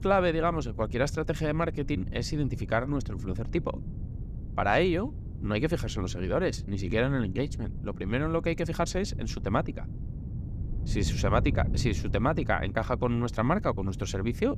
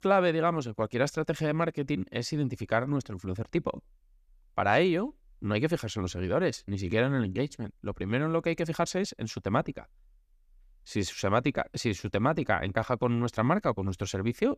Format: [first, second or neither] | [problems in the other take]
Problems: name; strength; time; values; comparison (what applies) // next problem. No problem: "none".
second | wind noise on the microphone; occasional gusts; 20 dB below the speech